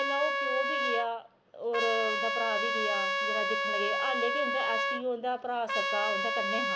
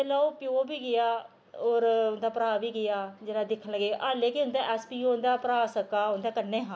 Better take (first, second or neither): second